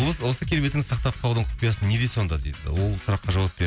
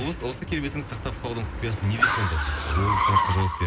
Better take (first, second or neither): first